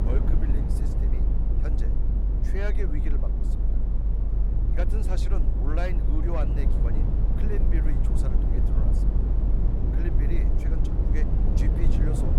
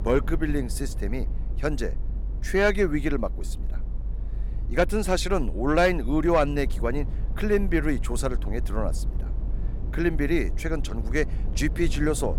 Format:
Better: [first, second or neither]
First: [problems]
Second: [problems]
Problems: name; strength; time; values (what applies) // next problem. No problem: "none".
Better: second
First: low rumble; loud; throughout; as loud as the speech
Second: low rumble; faint; throughout; 20 dB below the speech